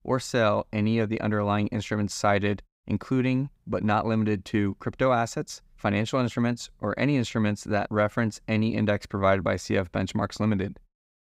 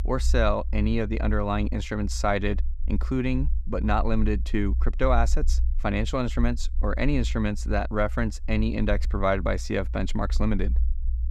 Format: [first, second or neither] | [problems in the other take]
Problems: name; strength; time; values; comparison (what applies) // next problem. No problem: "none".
first | low rumble; faint; throughout; 25 dB below the speech